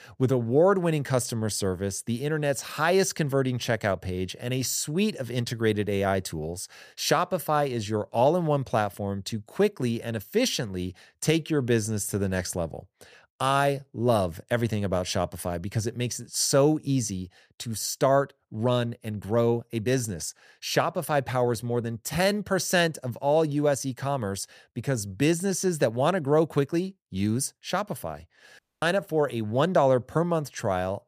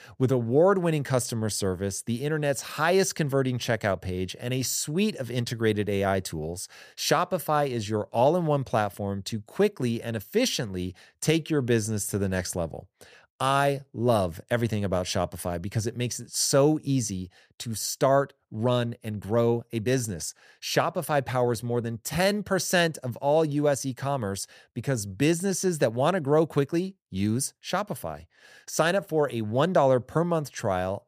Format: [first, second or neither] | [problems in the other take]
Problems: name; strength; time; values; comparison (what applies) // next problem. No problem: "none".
second | audio cutting out; at 29 s